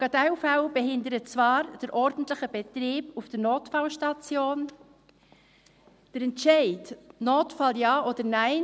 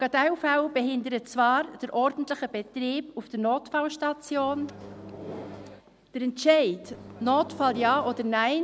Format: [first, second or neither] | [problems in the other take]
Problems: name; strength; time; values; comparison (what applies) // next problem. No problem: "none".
first | background sound (Microwave oven); 14 dB below the speech